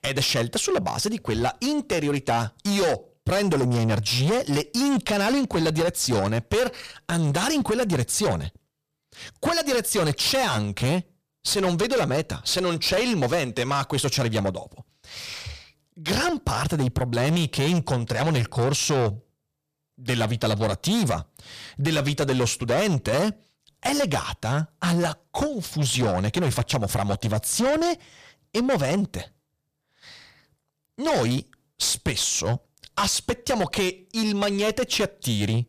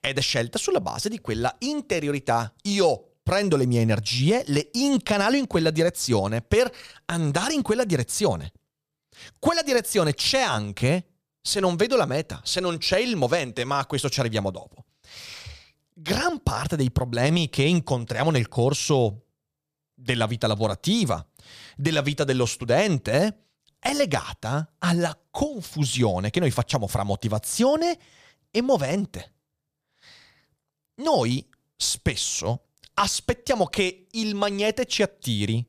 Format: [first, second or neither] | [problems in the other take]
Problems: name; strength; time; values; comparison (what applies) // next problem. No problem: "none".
second | distortion; heavy; 8 dB below the speech